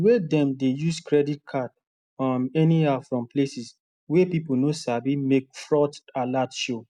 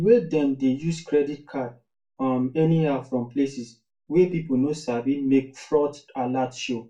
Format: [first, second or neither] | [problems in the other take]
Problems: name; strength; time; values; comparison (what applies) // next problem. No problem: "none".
first | room echo; dies away in 0.2 s